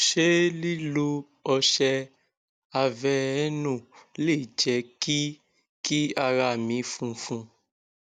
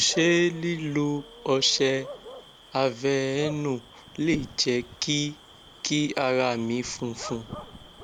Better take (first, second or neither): first